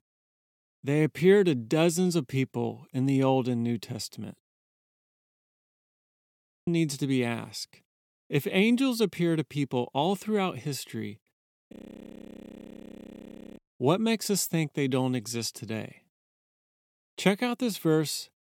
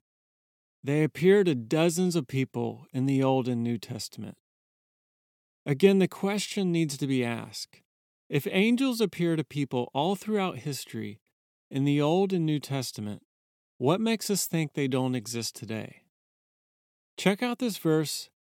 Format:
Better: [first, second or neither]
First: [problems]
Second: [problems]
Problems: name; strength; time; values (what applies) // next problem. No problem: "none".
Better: second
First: audio freezing; at 5.5 s for 1 s and at 12 s for 2 s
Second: none